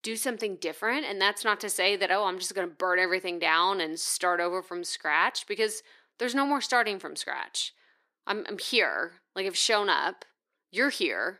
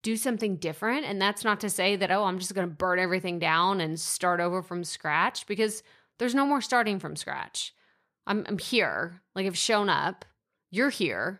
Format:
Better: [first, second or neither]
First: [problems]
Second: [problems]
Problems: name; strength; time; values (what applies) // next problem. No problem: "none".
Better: second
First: thin; very slightly; fading below 300 Hz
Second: none